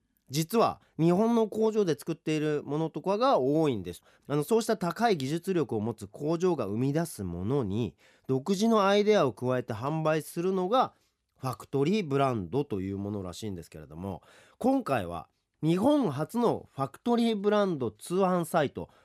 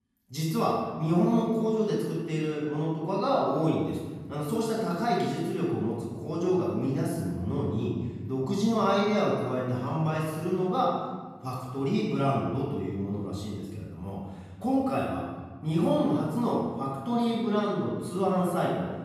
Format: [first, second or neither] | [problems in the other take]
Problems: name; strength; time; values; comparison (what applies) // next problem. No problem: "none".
first | off-mic speech; far // room echo; noticeable; dies away in 1.5 s